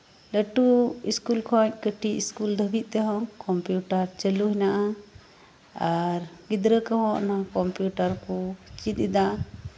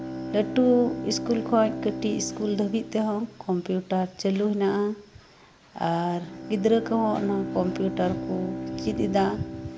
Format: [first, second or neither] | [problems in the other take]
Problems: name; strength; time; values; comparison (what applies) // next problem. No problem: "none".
first | background sound (Bowed string instrument); 9 dB below the speech